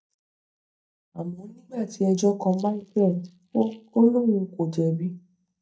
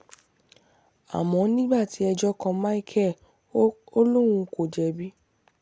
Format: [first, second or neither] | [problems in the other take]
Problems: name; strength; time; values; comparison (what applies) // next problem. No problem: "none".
second | noise reduction (neural mask model DeepFilterNet 3)